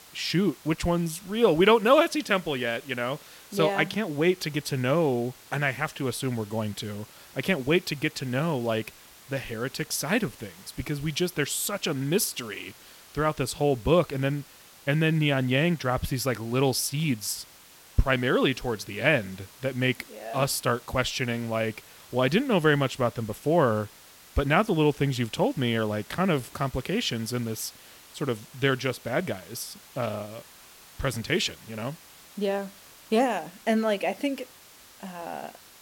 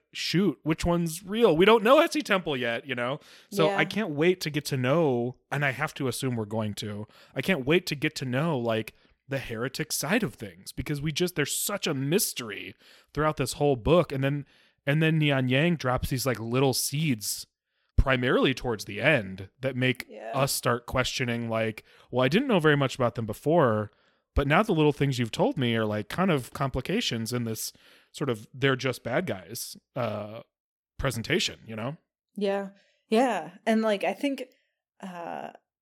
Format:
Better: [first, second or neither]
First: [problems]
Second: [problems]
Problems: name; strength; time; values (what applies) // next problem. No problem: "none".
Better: second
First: hiss; faint; throughout; 20 dB below the speech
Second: none